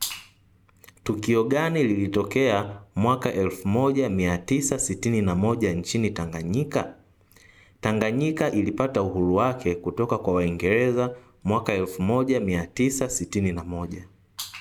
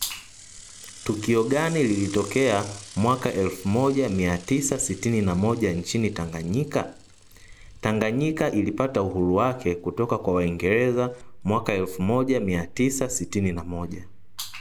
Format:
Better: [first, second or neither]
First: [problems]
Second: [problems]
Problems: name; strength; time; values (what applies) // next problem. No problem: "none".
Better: first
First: none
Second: background sound (Mechanisms / Bicycle); 18 dB below the speech